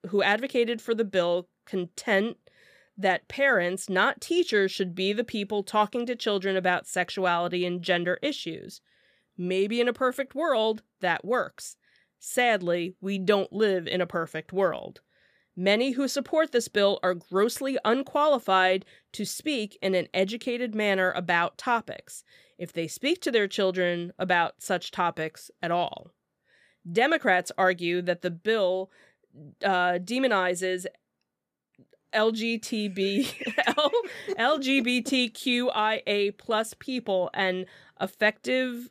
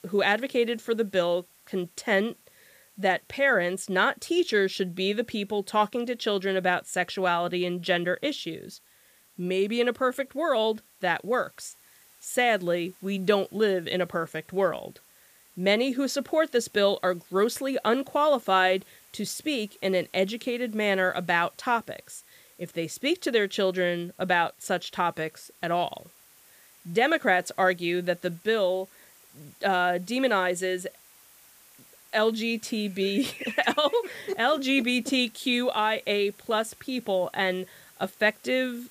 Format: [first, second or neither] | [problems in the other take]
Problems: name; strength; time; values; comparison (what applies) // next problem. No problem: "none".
first | hiss; faint; throughout; 25 dB below the speech